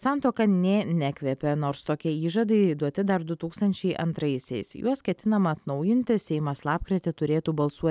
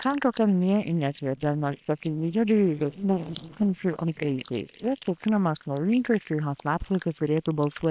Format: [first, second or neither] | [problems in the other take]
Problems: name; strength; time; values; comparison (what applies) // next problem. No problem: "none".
first | noise reduction (neural separator model SepFormer WHAM!)